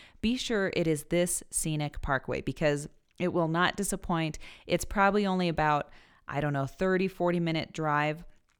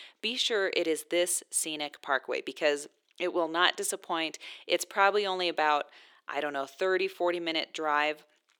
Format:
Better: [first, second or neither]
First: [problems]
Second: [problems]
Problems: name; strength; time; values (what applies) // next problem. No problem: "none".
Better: first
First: none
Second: thin; very; fading below 350 Hz